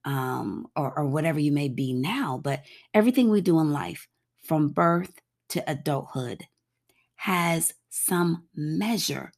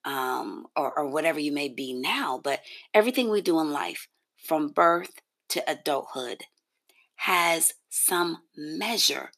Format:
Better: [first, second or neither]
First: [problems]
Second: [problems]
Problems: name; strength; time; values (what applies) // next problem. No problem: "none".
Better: first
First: none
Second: thin; somewhat; fading below 350 Hz